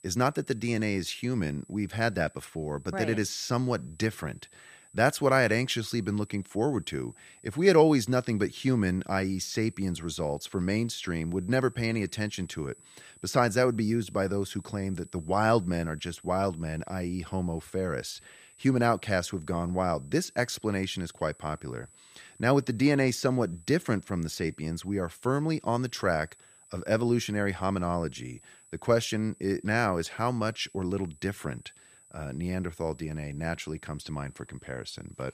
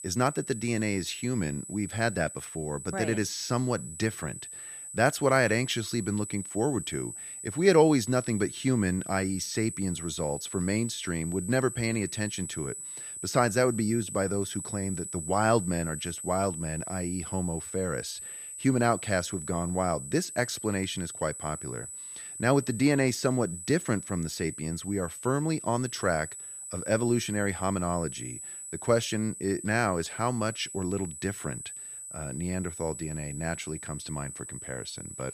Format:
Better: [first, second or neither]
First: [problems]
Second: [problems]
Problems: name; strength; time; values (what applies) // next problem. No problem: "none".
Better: first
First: high-pitched whine; faint; throughout; 8 kHz, 25 dB below the speech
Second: high-pitched whine; loud; throughout; 8 kHz, 9 dB below the speech